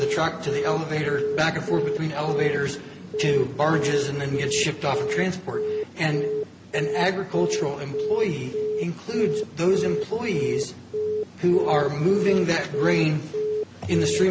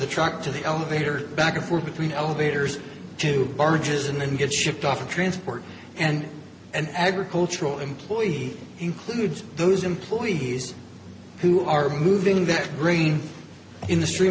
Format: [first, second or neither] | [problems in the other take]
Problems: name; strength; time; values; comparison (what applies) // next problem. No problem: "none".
second | background sound (Telephone); 3 dB below the speech